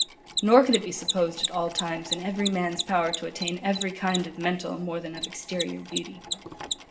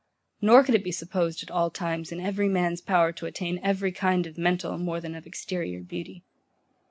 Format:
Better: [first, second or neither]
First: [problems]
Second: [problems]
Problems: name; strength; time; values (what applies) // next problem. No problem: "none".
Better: second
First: background sound (Mechanisms); 7 dB below the speech // room echo; dies away in 0.7 s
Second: none